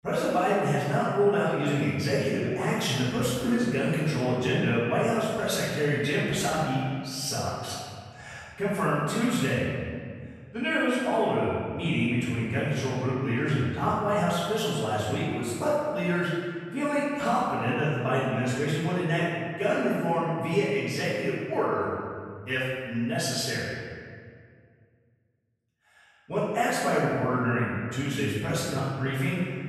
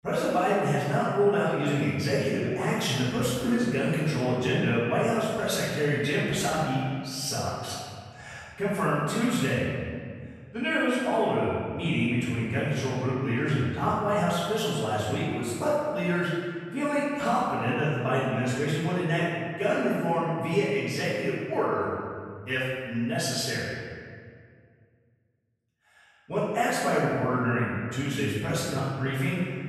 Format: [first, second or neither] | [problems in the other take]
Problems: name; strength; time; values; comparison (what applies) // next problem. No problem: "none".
neither | off-mic speech; far; the same in both // room echo; strong; dies away in 1.9 s; the same in both